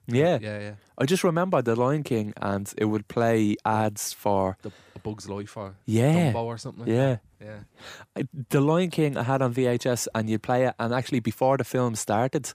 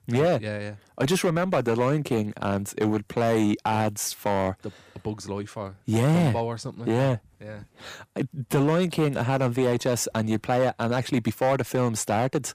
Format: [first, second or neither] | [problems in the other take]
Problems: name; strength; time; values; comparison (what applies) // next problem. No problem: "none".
first | distortion; slight; 6% of the sound clipped